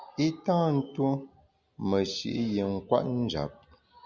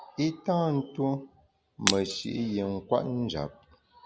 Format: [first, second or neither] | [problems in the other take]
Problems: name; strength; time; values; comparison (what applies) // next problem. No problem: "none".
first | background sound (Shatter); 1 dB below the speech